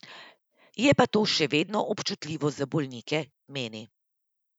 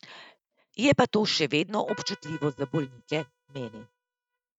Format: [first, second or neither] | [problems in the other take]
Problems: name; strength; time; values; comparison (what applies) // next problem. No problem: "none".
first | noise reduction (neural mask model RNNoise)